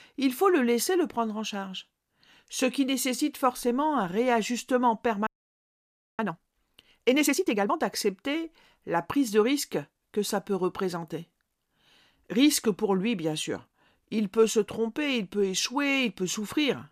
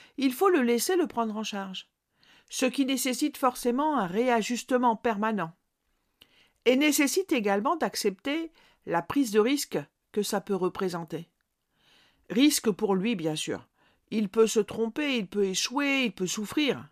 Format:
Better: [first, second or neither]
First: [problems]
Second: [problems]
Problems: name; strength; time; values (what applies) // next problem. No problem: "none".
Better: second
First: audio freezing; at 5.5 s for 1 s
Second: none